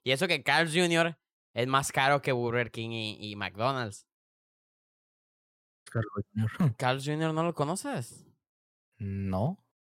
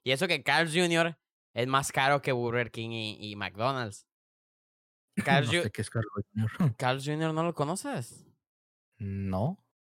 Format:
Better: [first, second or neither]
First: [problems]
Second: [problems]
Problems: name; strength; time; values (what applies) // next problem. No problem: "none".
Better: second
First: audio cutting out; at 5 s for 1 s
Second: none